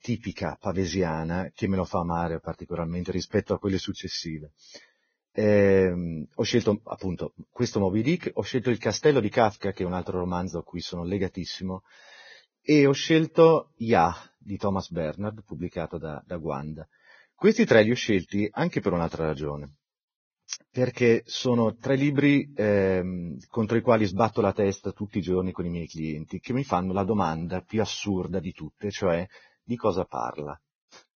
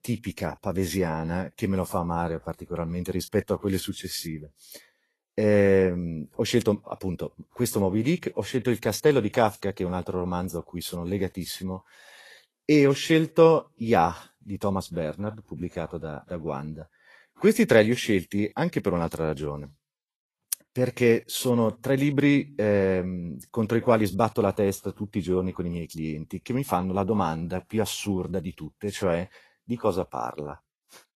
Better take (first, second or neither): second